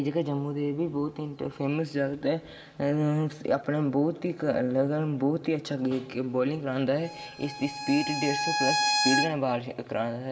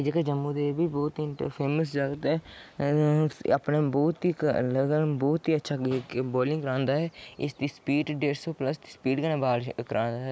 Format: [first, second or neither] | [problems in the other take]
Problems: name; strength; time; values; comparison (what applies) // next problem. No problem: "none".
second | background sound (Bowed string instrument); 2 dB below the speech // room echo; dies away in 2.8 s